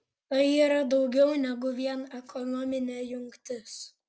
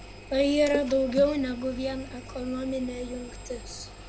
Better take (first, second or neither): first